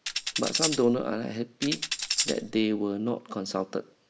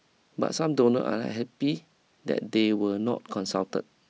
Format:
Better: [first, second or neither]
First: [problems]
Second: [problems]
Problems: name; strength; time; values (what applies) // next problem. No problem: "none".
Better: second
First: background sound (Tambourine); 2 dB below the speech // room echo; dies away in 0.5 s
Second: none